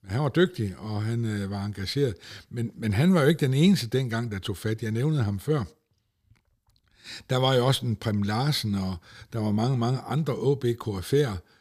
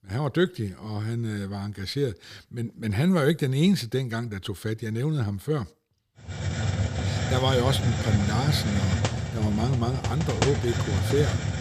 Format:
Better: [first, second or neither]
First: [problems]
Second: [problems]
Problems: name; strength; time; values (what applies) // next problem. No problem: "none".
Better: first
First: none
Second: hiss; loud; from 6.5 s on; as loud as the speech